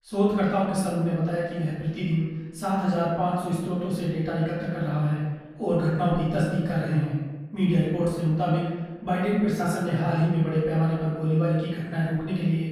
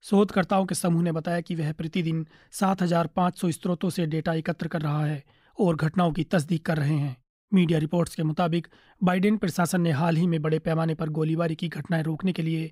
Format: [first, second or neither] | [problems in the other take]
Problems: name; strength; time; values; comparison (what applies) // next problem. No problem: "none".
second | off-mic speech; far // room echo; noticeable; dies away in 1.2 s